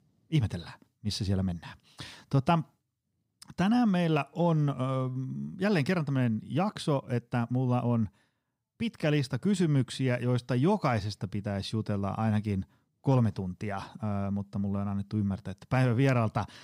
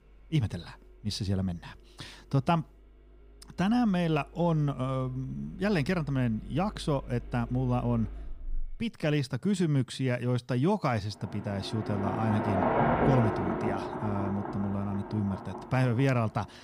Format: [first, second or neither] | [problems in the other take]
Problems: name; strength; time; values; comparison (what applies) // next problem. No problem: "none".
first | traffic noise; loud; throughout; 4 dB below the speech